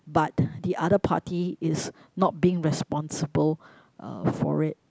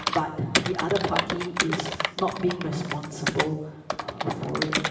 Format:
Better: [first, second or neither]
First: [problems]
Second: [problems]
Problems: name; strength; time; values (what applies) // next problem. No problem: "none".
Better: first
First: none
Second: background sound (Computer keyboard); 1 dB below the speech // room echo; dies away in 1.2 s